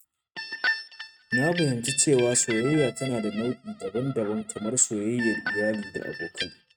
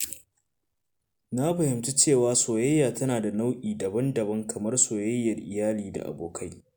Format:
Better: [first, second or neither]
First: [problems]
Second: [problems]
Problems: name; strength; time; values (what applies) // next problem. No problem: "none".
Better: second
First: noise reduction (neural mask model RNNoise)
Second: none